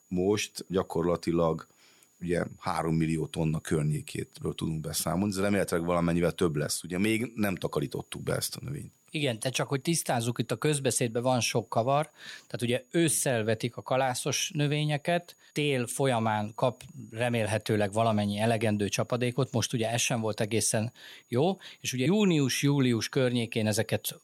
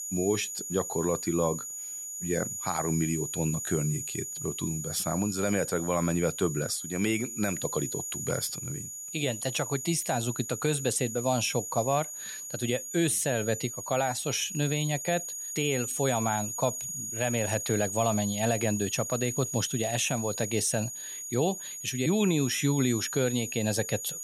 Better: first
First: high-pitched whine; faint; throughout; 7 kHz, 35 dB below the speech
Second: high-pitched whine; loud; throughout; 7 kHz, 5 dB below the speech

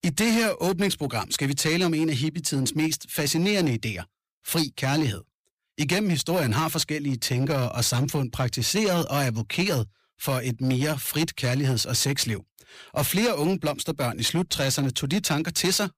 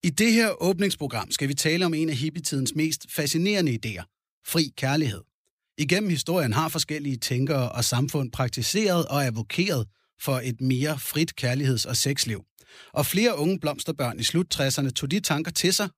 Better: second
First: distortion; slight; 11% of the sound clipped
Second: none

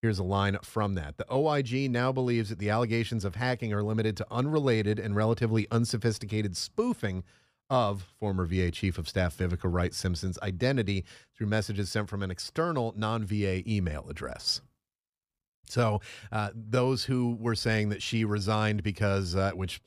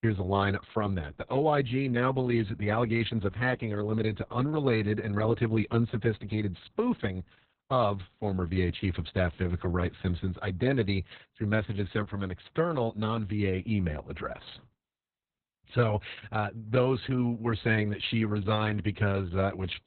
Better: first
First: none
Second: garbled, watery; badly; nothing above 4 kHz

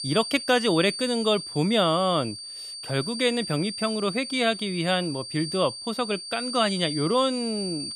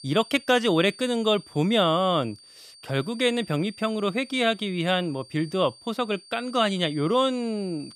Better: second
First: high-pitched whine; loud; throughout; 4.5 kHz, 8 dB below the speech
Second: high-pitched whine; faint; throughout; 4.5 kHz, 20 dB below the speech

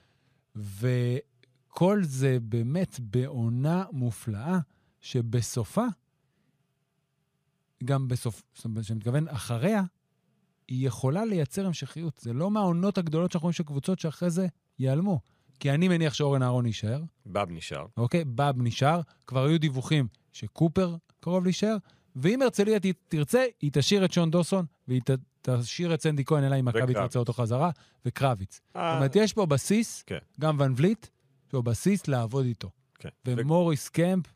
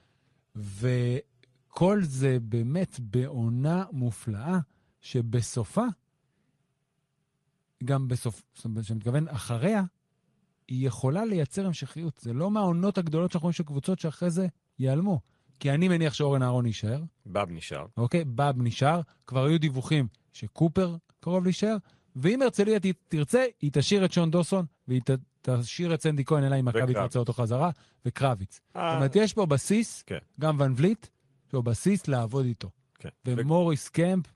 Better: first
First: none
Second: garbled, watery; slightly; nothing above 10.5 kHz

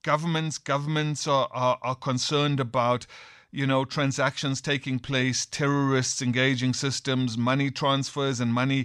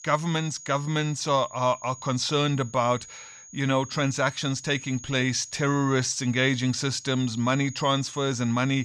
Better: first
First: none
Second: high-pitched whine; noticeable; throughout; 6.5 kHz, 15 dB below the speech

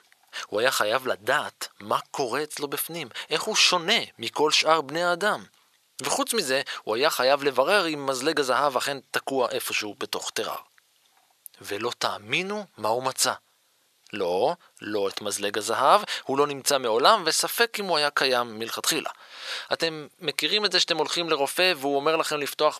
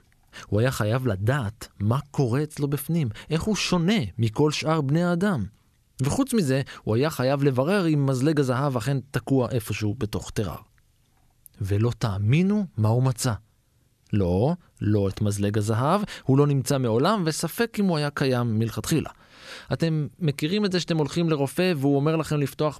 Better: second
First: thin; very; fading below 700 Hz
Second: none

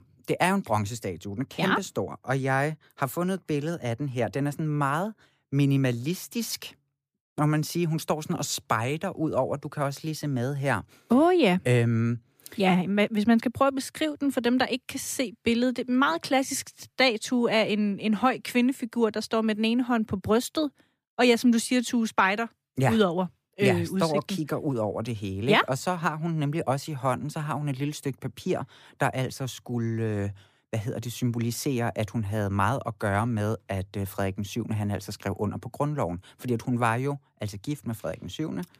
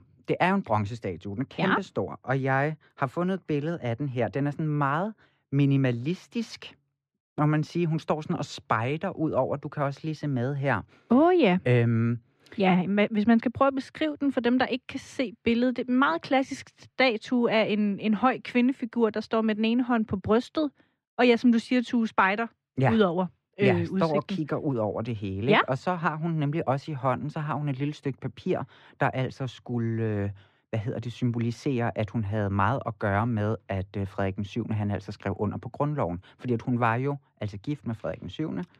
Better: first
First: none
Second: muffled; slightly; fading above 3 kHz

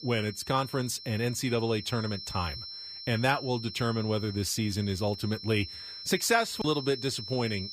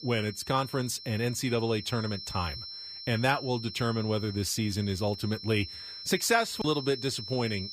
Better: neither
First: high-pitched whine; loud; throughout; 5.5 kHz, 10 dB below the speech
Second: high-pitched whine; loud; throughout; 5.5 kHz, 10 dB below the speech

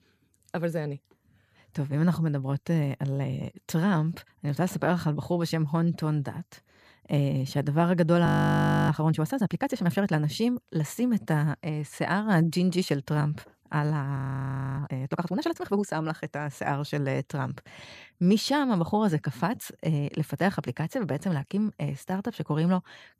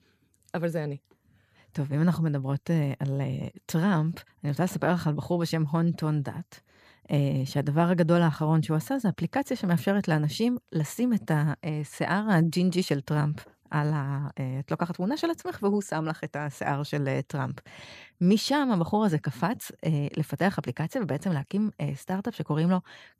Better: second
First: audio freezing; at 8.5 s for 0.5 s and at 14 s for 0.5 s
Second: none

